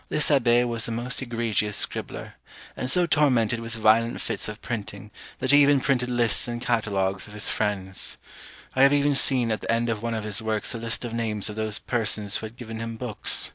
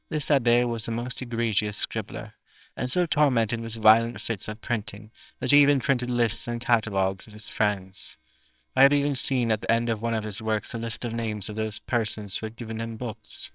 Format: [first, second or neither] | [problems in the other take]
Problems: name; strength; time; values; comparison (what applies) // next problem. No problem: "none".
first | noise reduction (neural separator model SepFormer WHAMR!)